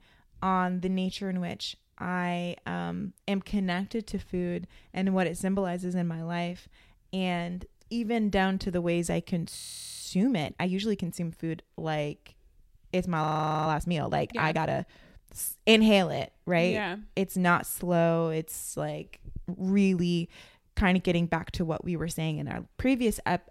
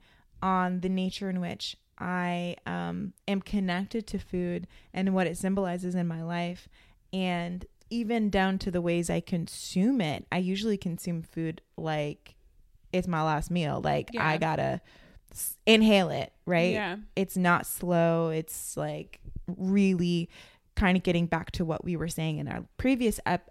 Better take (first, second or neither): second